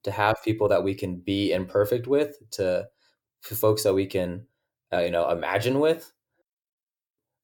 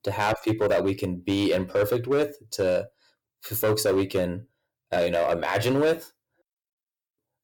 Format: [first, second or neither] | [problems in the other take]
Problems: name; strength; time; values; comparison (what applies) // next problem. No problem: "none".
first | distortion; slight; 7% of the sound clipped